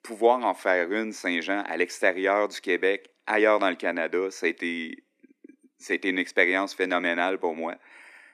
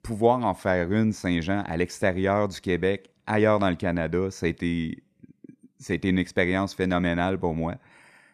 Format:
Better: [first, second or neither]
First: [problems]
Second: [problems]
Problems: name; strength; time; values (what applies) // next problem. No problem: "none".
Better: second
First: thin; somewhat; fading below 300 Hz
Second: none